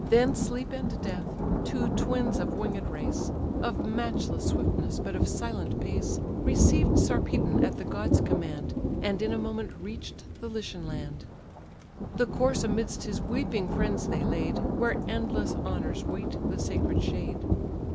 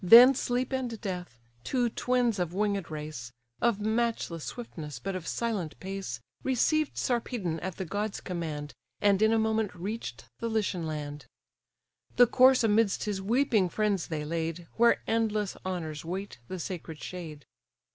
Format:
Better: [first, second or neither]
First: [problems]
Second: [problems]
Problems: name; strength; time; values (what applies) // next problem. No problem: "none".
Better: second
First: background sound (Thunder); 5 dB above the speech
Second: none